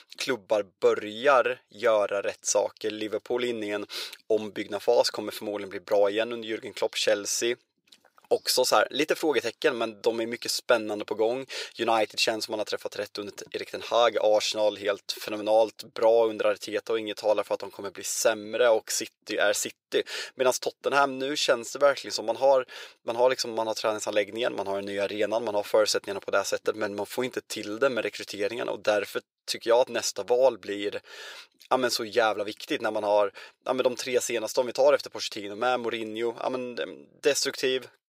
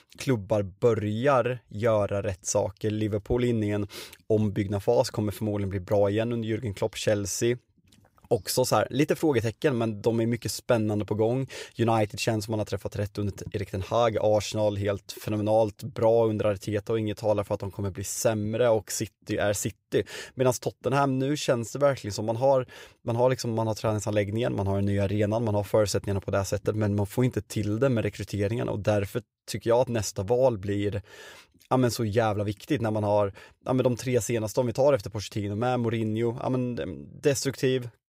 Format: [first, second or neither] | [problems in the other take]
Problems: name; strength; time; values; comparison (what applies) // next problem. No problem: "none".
second | thin; somewhat; fading below 450 Hz